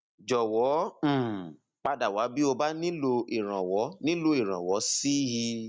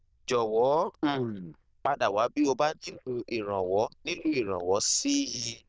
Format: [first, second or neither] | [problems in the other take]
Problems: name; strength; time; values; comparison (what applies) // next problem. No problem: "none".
first | noise reduction (neural diffusion model UNIVERSE++)